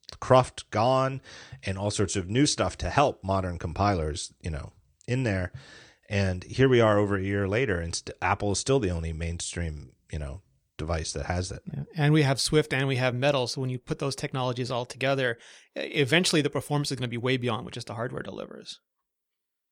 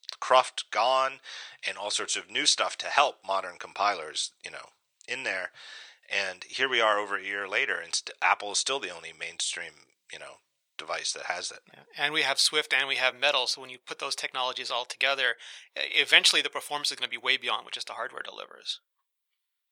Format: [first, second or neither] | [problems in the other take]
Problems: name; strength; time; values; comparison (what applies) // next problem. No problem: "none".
first | thin; very; fading below 900 Hz